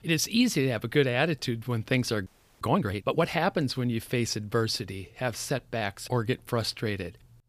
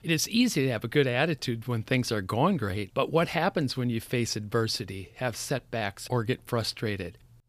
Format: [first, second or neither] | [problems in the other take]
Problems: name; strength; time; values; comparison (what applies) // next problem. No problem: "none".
second | audio freezing; at 2.5 s